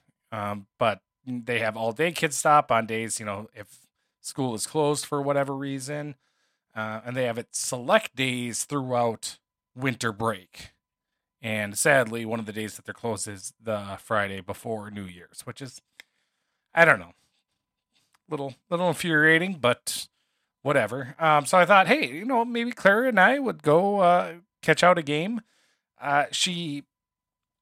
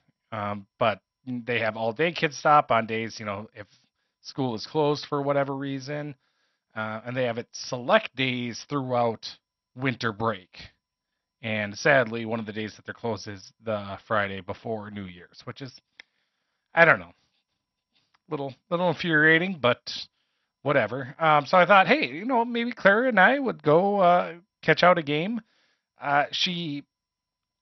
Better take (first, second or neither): first